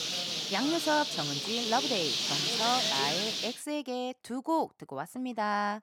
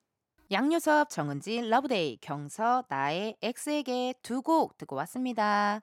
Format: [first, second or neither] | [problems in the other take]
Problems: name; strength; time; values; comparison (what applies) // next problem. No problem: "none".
second | animal sounds; very loud; until 3.5 s; 3 dB above the speech